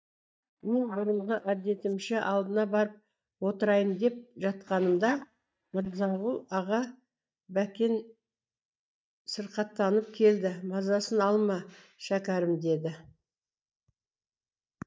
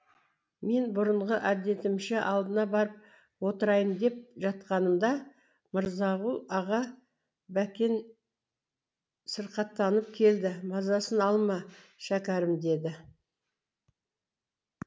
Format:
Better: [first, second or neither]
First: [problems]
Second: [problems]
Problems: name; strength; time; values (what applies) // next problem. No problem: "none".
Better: second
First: noise reduction (neural mask model DeepFilterNet 3)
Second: none